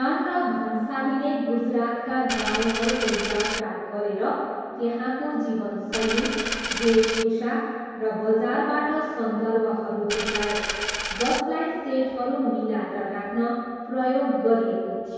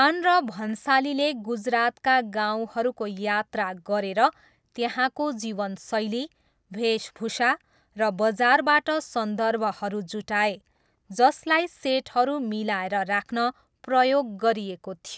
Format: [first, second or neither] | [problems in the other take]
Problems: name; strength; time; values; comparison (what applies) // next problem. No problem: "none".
second | background sound (Coin (dropping)); 4 dB below the speech // room echo; dies away in 2.2 s